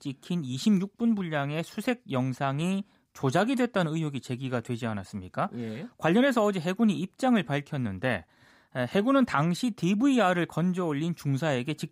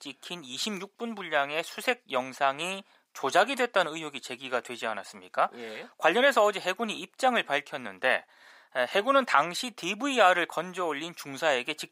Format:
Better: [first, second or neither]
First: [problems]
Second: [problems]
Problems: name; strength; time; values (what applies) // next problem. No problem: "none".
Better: first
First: none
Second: thin; very; fading below 650 Hz